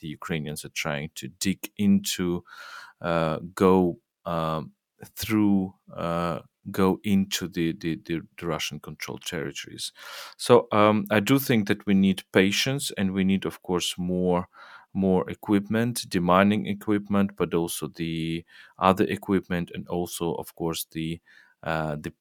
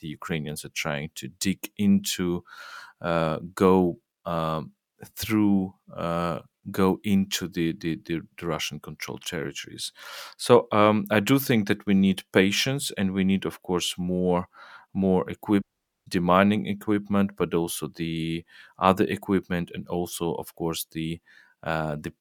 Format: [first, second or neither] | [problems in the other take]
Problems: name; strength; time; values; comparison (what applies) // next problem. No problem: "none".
first | audio cutting out; at 16 s